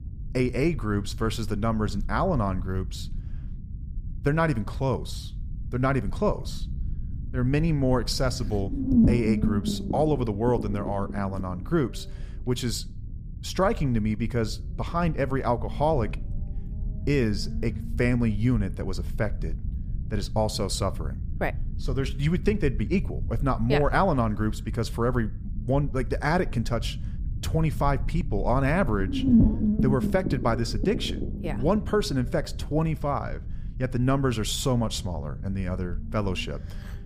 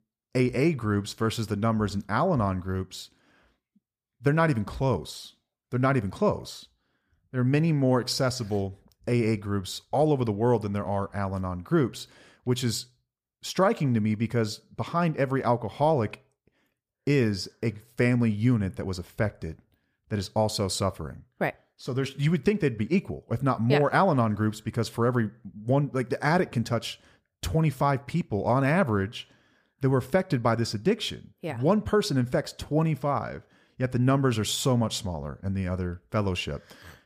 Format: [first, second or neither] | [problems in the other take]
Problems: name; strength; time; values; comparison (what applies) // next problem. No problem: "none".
second | low rumble; loud; throughout; 10 dB below the speech